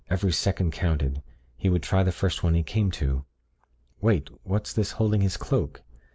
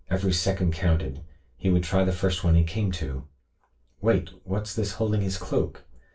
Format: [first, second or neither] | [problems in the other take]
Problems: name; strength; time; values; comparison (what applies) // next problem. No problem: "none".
first | room echo; dies away in 0.2 s